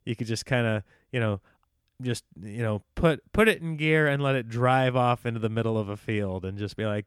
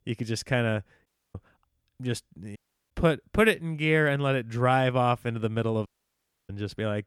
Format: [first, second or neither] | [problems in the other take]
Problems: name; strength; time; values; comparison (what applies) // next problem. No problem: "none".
first | audio cutting out; at 1 s, at 2.5 s and at 6 s for 0.5 s